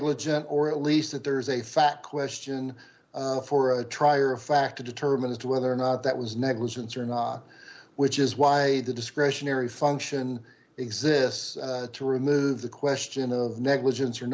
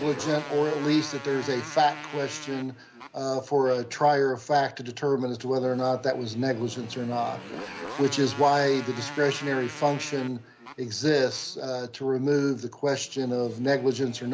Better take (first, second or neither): first